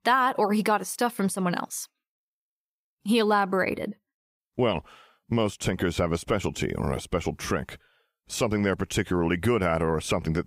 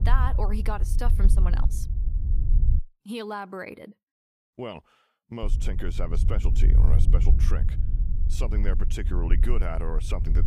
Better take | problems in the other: first | low rumble; loud; until 3 s and from 5.5 s on; 8 dB below the speech

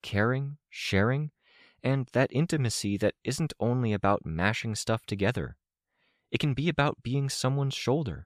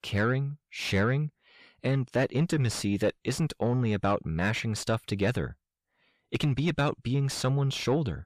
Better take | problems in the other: first | distortion; slight; 10 dB below the speech

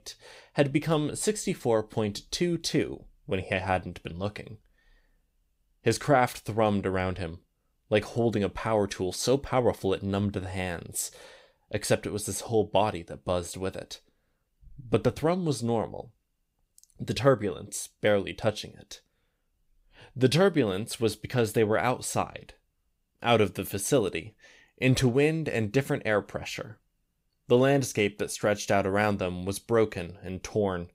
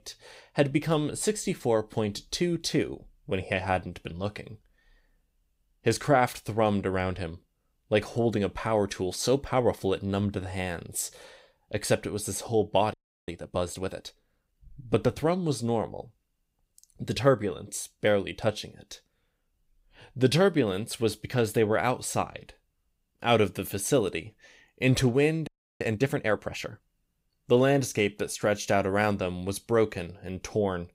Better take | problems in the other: first | audio freezing; at 13 s and at 25 s

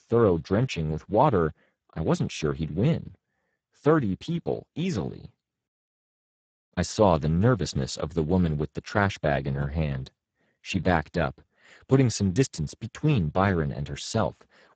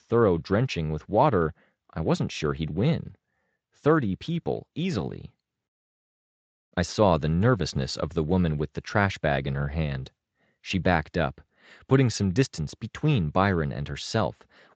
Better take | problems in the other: second | garbled, watery; badly; nothing above 8 kHz; slightly in the second

